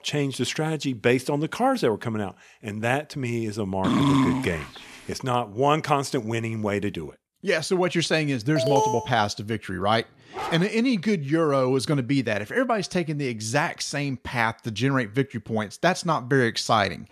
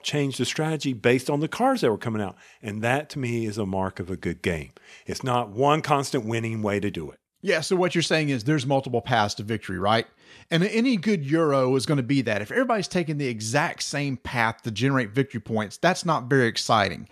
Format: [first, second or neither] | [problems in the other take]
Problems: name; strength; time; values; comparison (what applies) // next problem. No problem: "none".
second | dog barking; loud; at 4 s; peak 5 dB above the speech // alarm; loud; at 8.5 s; peak 1 dB above the speech // dog barking; noticeable; at 10 s; peak 8 dB below the speech